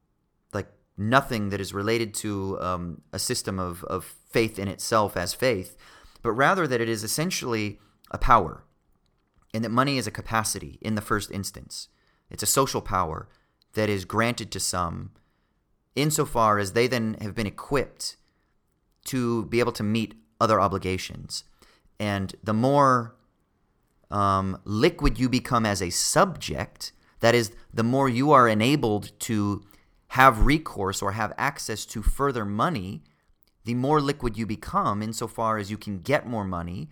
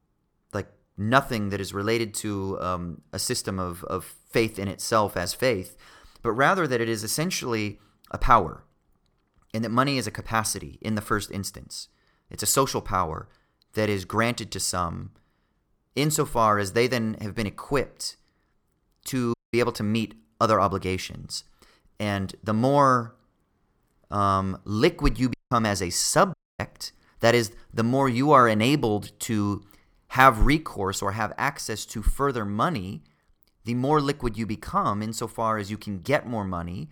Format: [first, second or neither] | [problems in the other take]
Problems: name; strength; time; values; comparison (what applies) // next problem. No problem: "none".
first | audio cutting out; at 19 s, at 25 s and at 26 s